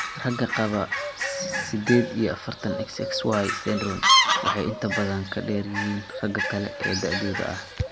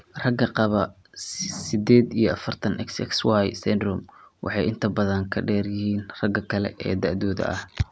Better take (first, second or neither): second